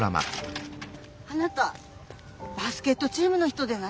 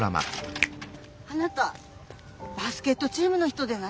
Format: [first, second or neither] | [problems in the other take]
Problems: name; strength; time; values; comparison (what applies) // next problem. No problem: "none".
first | background sound (Finger snapping); 9 dB below the speech